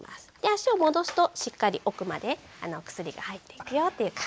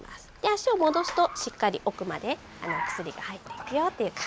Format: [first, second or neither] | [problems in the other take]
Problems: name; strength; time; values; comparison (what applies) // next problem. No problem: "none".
first | background sound (Car); 11 dB below the speech